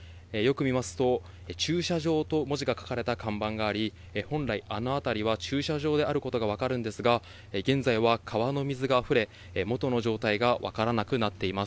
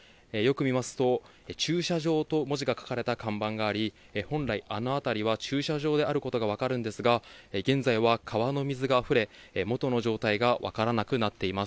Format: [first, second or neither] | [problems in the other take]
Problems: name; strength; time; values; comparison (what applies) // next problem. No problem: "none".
second | background sound (Idling / Engine starting / Accelerating, revving, vroom / Car); 19 dB below the speech